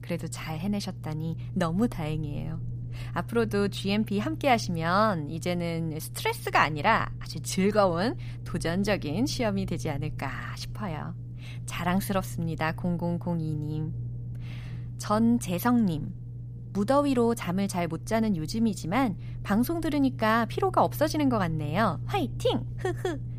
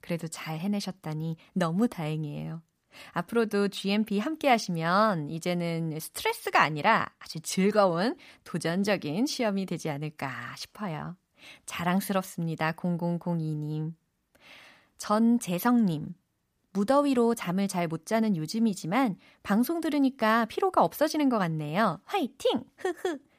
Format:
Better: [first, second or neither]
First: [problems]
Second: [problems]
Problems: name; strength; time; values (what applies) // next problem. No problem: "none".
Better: second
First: low rumble; faint; throughout; 20 dB below the speech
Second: none